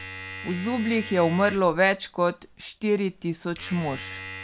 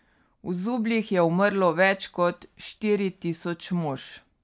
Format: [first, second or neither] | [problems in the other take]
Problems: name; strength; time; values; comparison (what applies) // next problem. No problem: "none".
second | background sound (Domestic sounds, home sounds); 14 dB below the speech